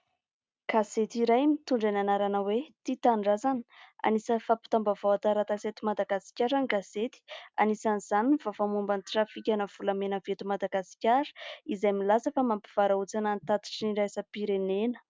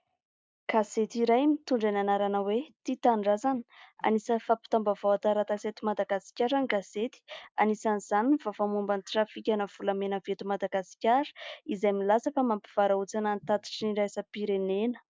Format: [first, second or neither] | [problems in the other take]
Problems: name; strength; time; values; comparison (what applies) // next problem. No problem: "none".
first | noise reduction (neural mask model Resemble Enhance denoiser)